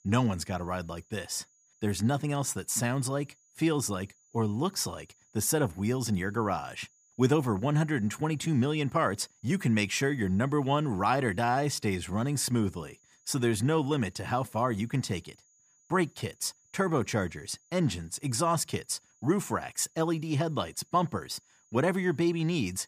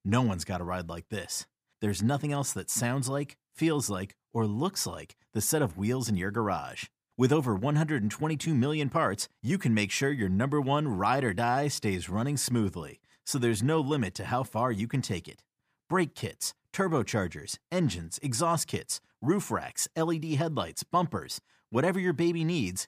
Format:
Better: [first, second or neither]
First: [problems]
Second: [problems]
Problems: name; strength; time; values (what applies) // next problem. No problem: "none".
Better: second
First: high-pitched whine; faint; throughout; 7 kHz, 35 dB below the speech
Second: none